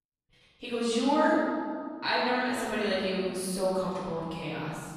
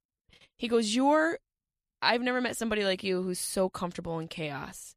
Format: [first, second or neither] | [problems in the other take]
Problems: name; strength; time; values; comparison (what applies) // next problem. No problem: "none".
second | room echo; strong; dies away in 1.9 s // off-mic speech; far